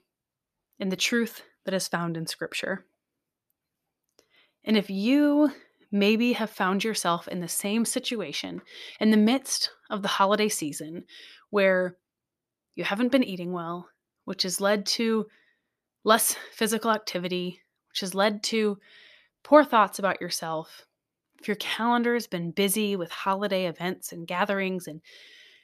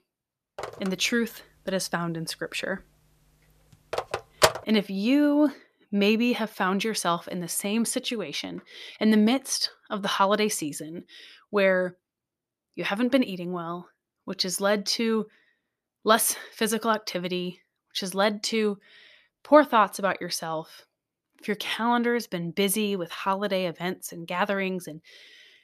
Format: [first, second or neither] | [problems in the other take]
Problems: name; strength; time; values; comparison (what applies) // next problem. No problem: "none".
first | phone ringing; loud; from 0.5 to 4.5 s; peak 3 dB above the speech